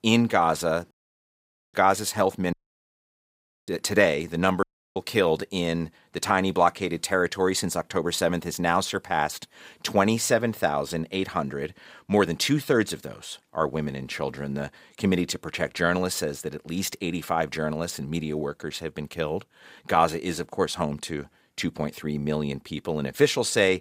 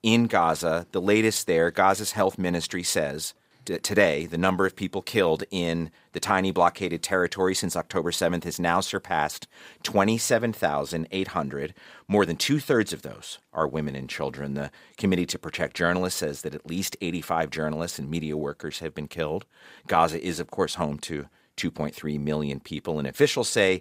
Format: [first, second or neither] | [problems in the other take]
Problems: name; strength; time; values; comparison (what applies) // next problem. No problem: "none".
second | audio cutting out; at 1 s for 1 s, at 2.5 s for 1 s and at 4.5 s